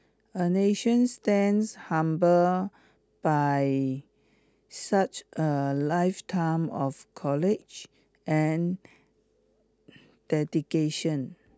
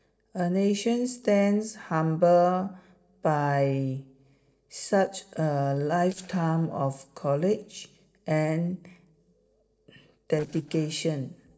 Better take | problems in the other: first | noise reduction (neural separator model SepFormer DNS4)

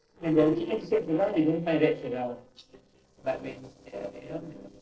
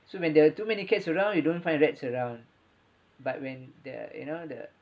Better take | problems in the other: second | noise reduction (neural separator model SepFormer DNS4)

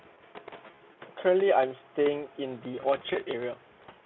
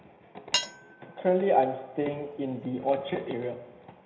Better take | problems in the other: first | background sound (Cutlery, silverware / Dishes, pots, and pans); 8 dB below the speech // room echo; dies away in 0.9 s

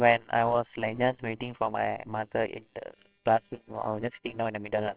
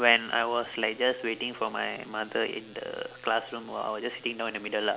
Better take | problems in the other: second | noise reduction (neural separator model SepFormer WHAMR!)

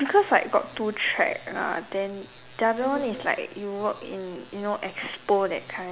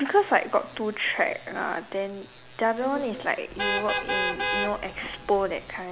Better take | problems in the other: first | background sound (Vehicle horn, car horn, honking); 3 dB below the speech

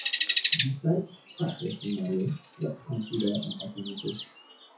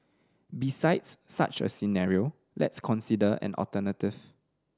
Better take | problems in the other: second | noise reduction (classical method WPE with log-MMSE)

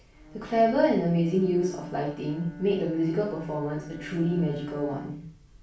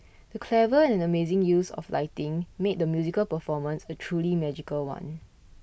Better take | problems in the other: second | background sound (Bowed string instrument); 15 dB below the speech // room echo; dies away in 0.3 s

